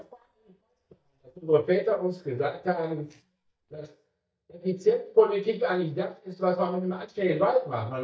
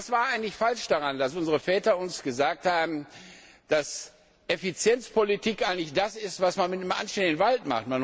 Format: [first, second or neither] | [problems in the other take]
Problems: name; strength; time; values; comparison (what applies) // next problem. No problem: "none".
second | noise reduction (neural mask model DeepFilterNet 3)